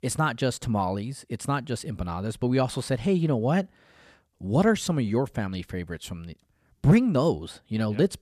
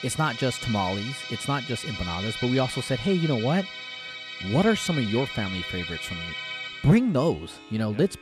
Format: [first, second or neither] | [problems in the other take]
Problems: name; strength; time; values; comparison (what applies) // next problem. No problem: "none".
first | background music; loud; throughout; 7 dB below the speech